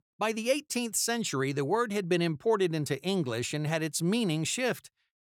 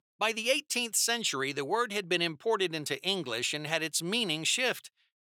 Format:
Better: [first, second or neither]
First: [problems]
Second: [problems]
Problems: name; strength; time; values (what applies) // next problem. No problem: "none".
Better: first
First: none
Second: thin; somewhat; fading below 1 kHz